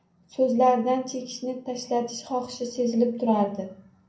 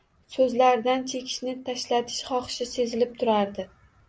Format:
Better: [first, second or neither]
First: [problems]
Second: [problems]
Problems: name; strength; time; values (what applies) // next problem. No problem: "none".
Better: second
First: room echo; dies away in 0.6 s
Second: none